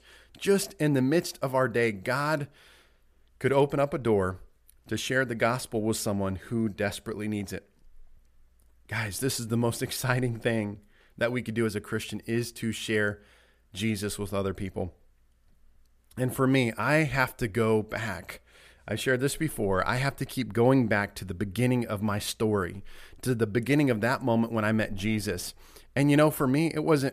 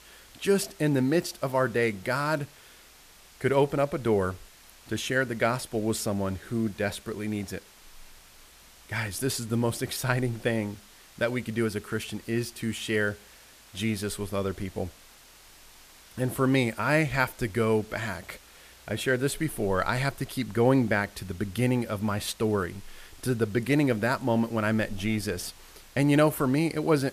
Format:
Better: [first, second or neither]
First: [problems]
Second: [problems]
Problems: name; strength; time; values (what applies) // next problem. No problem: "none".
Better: first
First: none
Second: hiss; faint; throughout; 25 dB below the speech